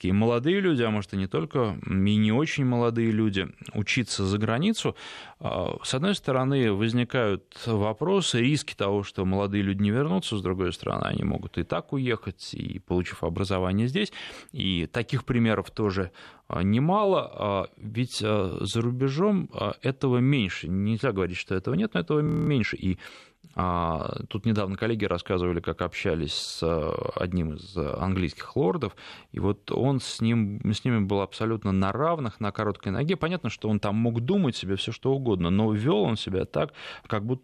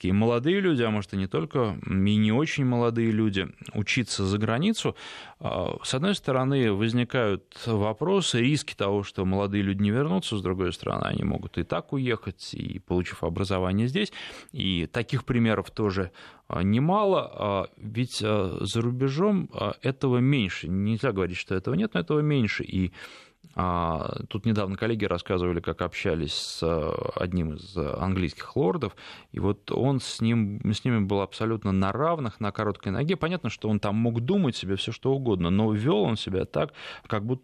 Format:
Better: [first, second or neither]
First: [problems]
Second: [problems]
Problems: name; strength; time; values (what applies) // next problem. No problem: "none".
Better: second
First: audio freezing; at 22 s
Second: none